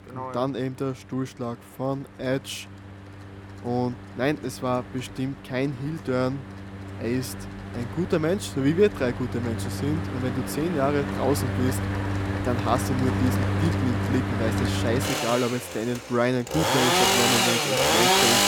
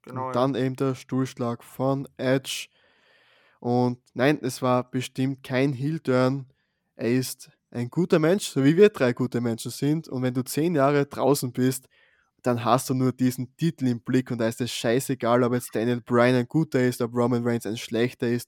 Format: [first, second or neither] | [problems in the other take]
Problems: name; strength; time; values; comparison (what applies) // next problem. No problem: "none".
second | machinery noise; very loud; throughout; 2 dB above the speech